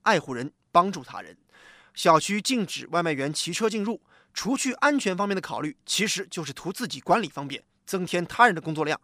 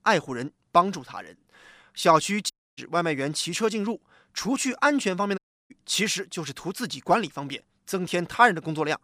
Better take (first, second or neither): first